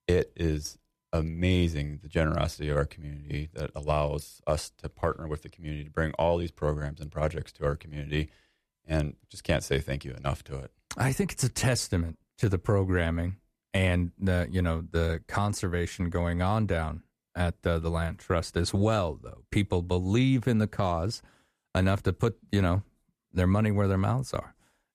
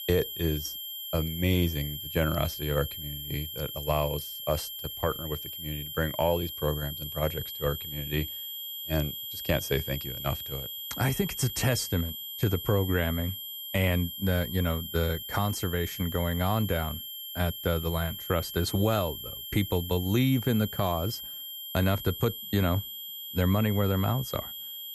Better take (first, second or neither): first